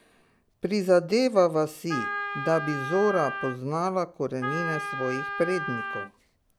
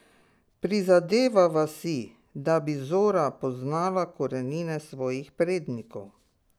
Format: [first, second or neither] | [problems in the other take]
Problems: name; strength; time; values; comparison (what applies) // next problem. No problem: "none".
second | background sound (Wind instrument, woodwind instrument); 6 dB below the speech